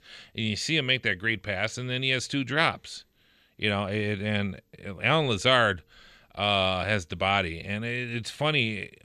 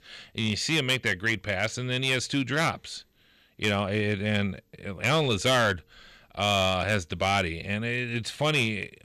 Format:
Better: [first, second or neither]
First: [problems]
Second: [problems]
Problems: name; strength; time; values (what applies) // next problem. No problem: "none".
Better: first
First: none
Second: distortion; slight; 3% of the sound clipped